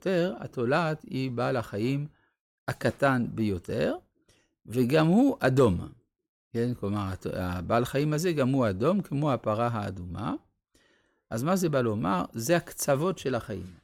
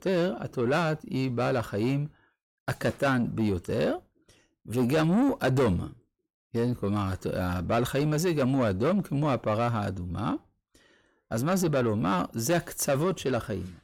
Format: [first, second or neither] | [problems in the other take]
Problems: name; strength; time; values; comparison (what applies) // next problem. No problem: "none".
first | distortion; slight; 10 dB below the speech